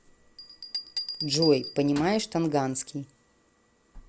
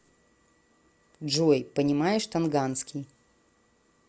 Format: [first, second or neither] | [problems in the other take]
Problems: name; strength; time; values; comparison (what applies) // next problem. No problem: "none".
second | background sound (Bell); 11 dB below the speech